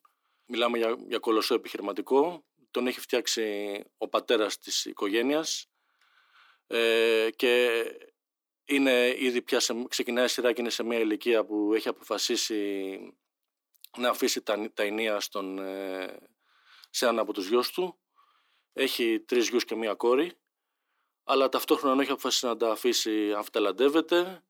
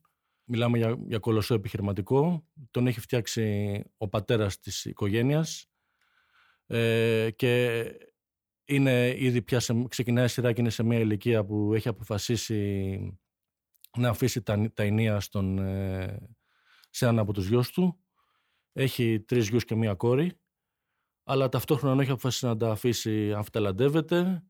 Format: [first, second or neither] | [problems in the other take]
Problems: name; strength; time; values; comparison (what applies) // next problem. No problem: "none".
second | thin; somewhat; fading below 300 Hz